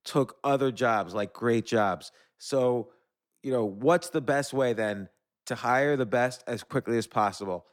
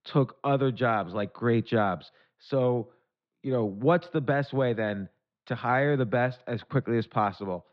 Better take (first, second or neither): first